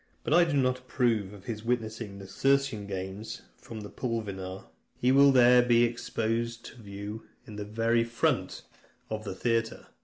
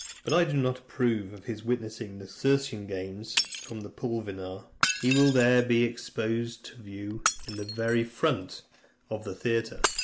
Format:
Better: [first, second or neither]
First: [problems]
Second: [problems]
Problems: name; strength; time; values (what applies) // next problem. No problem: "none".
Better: first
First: none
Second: background sound (Shatter); 8 dB below the speech